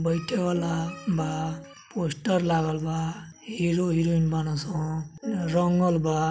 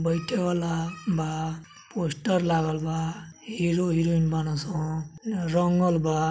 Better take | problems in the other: second | background sound (Piano); 14 dB below the speech

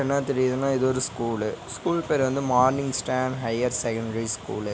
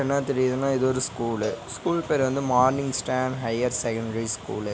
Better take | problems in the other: first | background sound (Cowbell); 19 dB below the speech

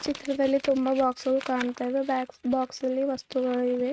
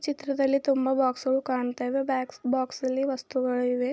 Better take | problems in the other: second | noise reduction (neural mask model RNNoise)

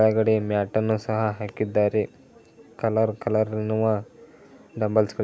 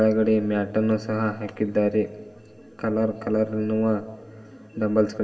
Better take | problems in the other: first | room echo; dies away in 3 s

